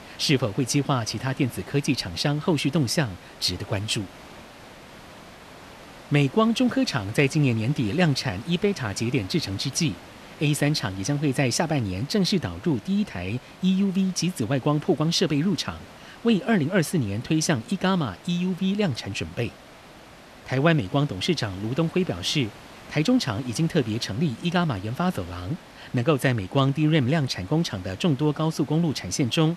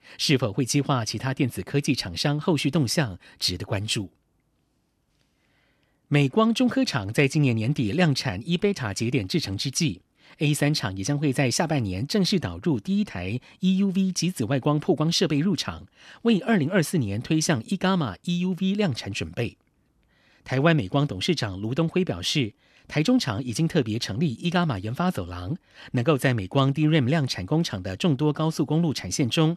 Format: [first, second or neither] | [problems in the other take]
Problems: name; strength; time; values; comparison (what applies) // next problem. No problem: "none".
second | hiss; faint; throughout; 20 dB below the speech